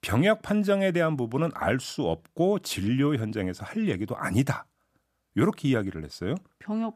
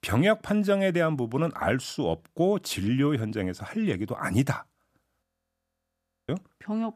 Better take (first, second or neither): first